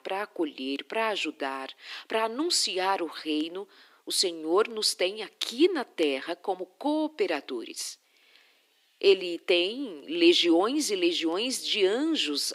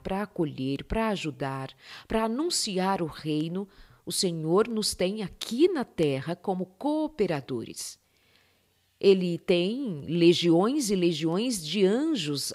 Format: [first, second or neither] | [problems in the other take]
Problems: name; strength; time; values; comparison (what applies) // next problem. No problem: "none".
second | thin; somewhat; fading below 300 Hz